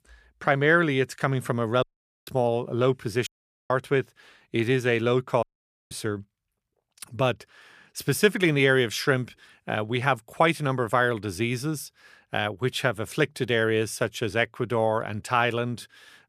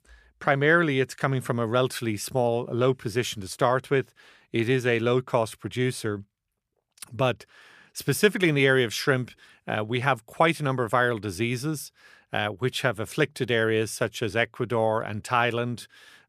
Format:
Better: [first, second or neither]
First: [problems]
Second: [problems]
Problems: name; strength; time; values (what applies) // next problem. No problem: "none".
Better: second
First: audio cutting out; at 2 s, at 3.5 s and at 5.5 s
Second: none